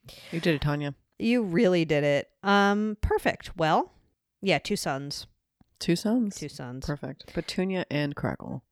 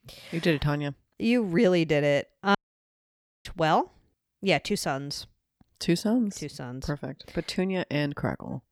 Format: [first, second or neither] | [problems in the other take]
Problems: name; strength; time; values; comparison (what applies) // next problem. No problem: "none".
first | audio cutting out; at 2.5 s for 1 s